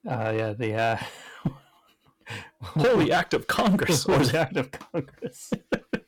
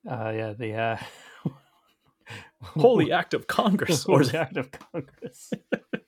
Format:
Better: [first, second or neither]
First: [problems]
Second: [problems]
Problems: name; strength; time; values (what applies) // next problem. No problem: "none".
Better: second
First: distortion; heavy; 8% of the sound clipped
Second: none